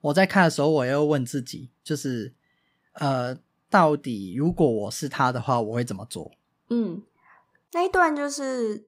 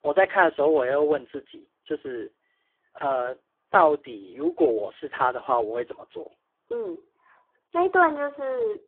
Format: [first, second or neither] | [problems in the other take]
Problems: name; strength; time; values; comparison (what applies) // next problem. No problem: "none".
first | phone-call audio; poor line